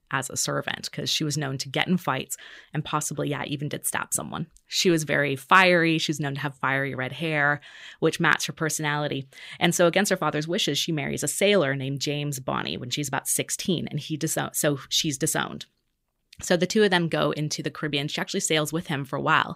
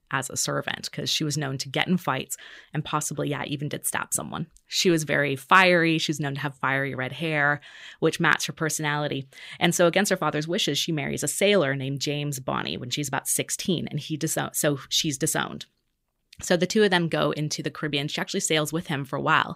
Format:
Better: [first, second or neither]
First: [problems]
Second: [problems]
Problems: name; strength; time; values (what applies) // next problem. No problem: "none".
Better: neither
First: none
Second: none